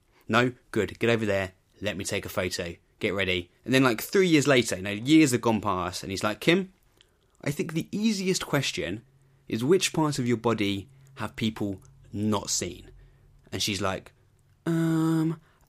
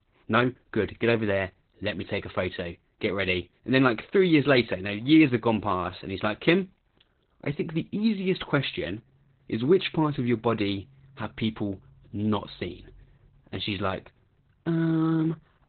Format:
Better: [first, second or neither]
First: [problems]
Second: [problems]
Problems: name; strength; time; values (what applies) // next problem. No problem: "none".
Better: first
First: none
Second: garbled, watery; badly; nothing above 4 kHz